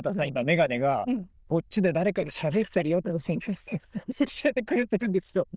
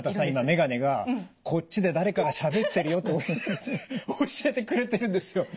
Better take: second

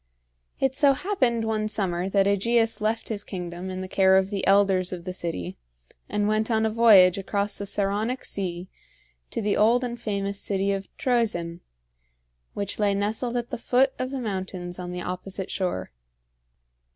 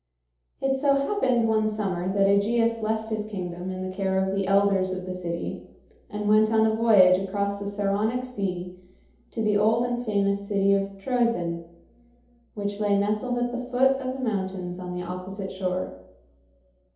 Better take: first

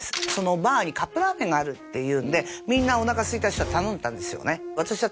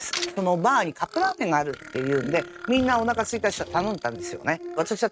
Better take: first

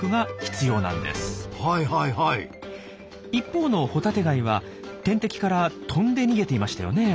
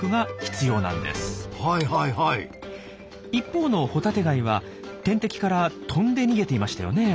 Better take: first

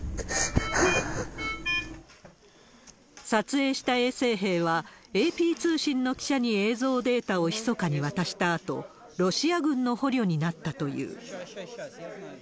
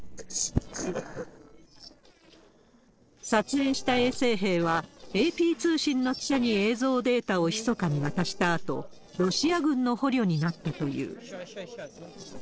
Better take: first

